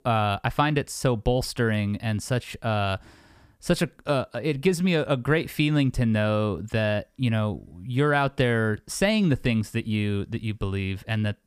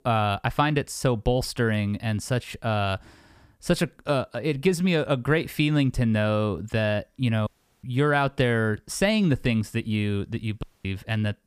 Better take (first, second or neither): first